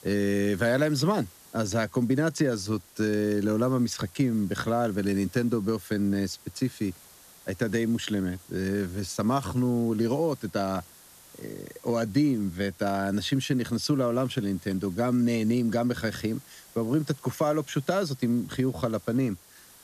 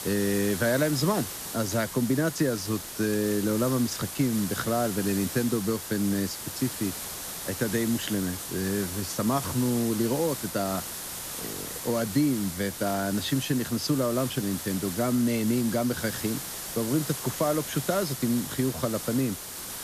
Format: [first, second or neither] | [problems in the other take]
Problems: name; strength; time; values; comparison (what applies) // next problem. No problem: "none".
first | hiss; loud; throughout; 6 dB below the speech; faint in the first